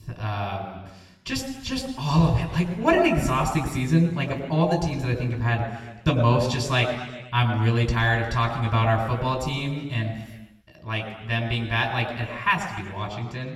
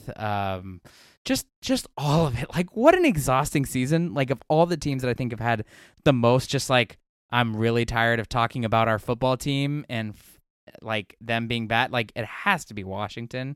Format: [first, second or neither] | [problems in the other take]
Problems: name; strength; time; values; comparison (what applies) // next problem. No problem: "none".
second | room echo; noticeable; dies away in 1.3 s // off-mic speech; somewhat distant